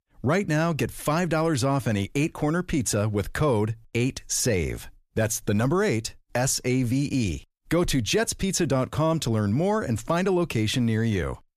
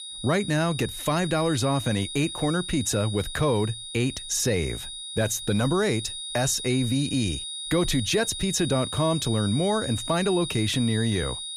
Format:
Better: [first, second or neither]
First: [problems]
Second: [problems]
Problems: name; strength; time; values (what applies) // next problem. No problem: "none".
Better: first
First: none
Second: high-pitched whine; loud; throughout; 4 kHz, 7 dB below the speech